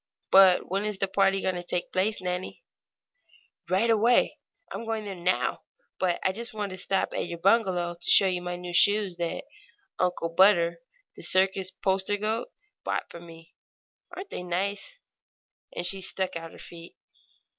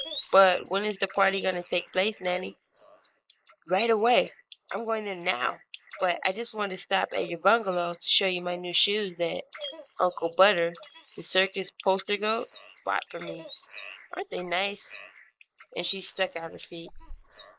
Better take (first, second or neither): first